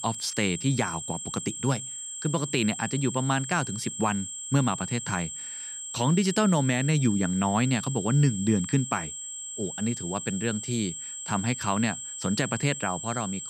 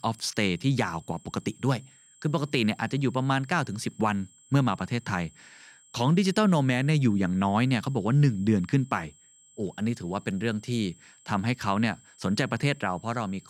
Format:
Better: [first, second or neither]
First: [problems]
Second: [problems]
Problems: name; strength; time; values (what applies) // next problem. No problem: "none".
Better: second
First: high-pitched whine; loud; throughout; 7.5 kHz, 7 dB below the speech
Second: high-pitched whine; faint; throughout; 7.5 kHz, 25 dB below the speech